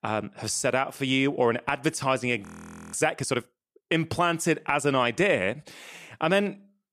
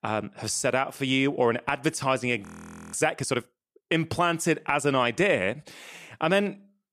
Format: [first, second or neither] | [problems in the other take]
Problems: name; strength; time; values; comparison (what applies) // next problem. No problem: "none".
neither | audio freezing; at 2.5 s; the same in both